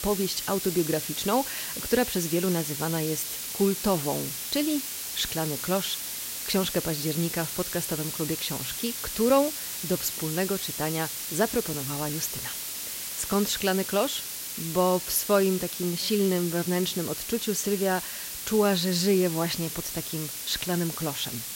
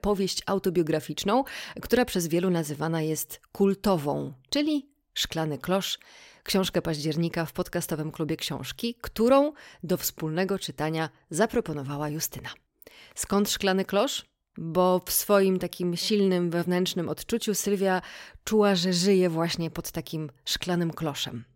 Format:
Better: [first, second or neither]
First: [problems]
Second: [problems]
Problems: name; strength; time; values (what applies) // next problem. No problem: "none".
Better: second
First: hiss; loud; throughout; 4 dB below the speech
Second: none